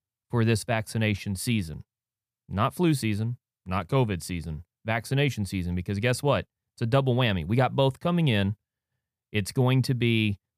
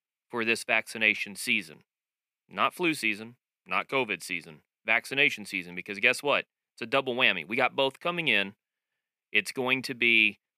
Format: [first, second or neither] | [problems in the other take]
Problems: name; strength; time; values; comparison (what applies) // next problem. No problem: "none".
first | thin; somewhat; fading below 250 Hz